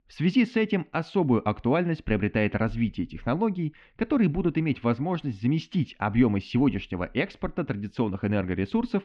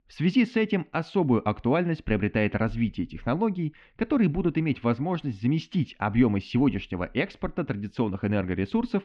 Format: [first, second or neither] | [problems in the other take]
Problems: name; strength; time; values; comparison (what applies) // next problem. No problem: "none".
neither | muffled; very; fading above 3 kHz; the same in both